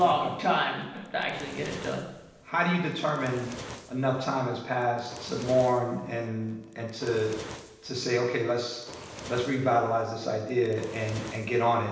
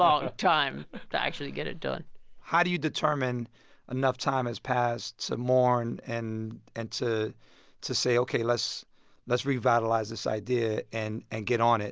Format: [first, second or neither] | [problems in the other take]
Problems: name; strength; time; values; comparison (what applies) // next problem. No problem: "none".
second | background sound (Fire); 17 dB below the speech // room echo; dies away in 0.9 s